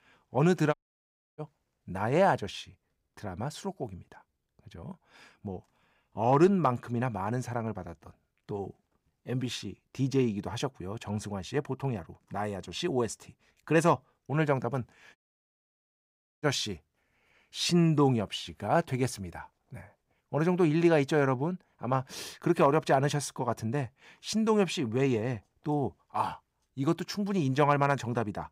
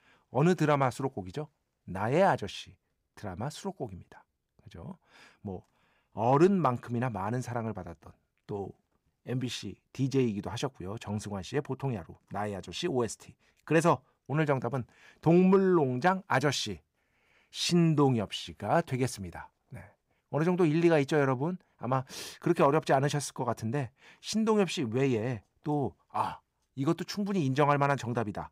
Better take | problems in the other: second | audio cutting out; at 0.5 s for 0.5 s and at 15 s for 1.5 s

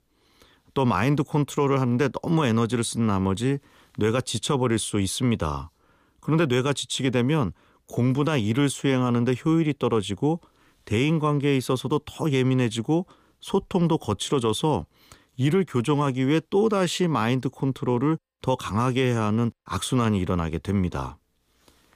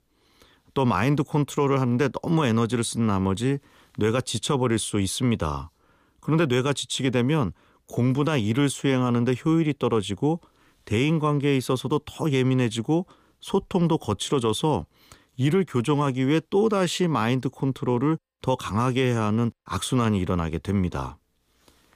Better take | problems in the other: neither | none

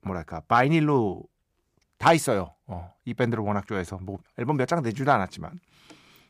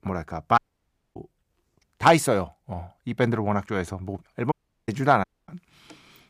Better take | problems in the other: first | audio cutting out; at 0.5 s for 0.5 s, at 4.5 s and at 5 s

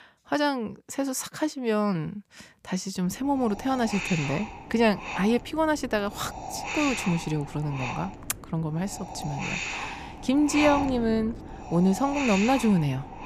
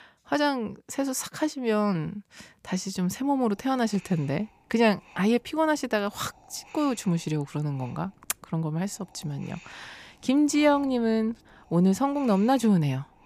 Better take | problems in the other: second | wind noise on the microphone; heavy; from 3 s on; 4 dB below the speech; occasional gusts in the second

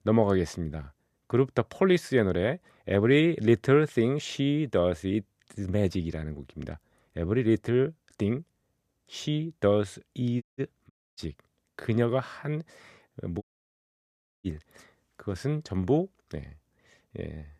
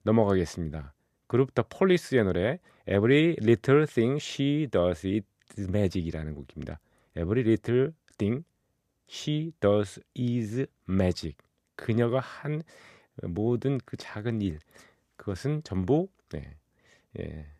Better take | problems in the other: second | audio cutting out; at 10 s, at 11 s and at 13 s for 1 s

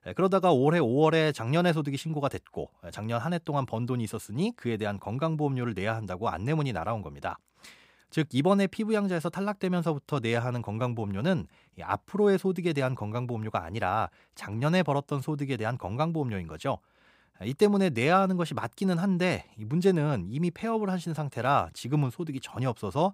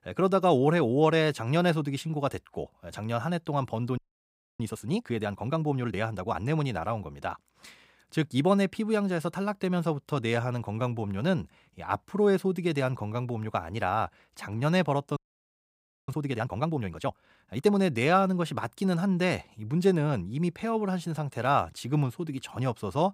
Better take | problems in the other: first | audio freezing; at 4 s for 0.5 s and at 15 s for 1 s

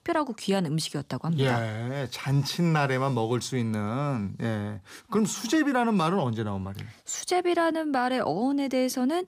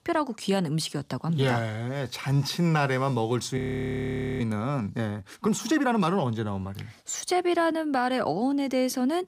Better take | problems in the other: first | audio freezing; at 3.5 s for 1 s

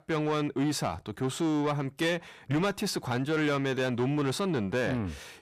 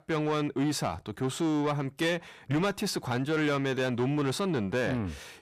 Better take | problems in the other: neither | distortion; slight; 10 dB below the speech; the same in both

